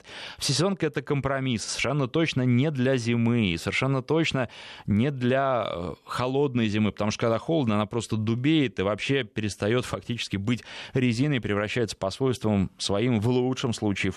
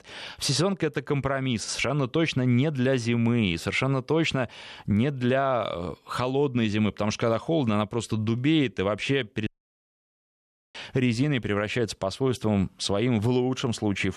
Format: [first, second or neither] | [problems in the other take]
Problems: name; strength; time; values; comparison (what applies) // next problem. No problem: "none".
first | audio cutting out; at 9.5 s for 1.5 s